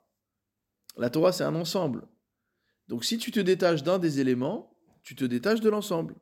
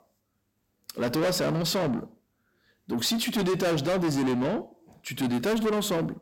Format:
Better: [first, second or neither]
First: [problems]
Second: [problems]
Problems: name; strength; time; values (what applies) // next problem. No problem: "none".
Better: first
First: none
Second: distortion; heavy; 6 dB below the speech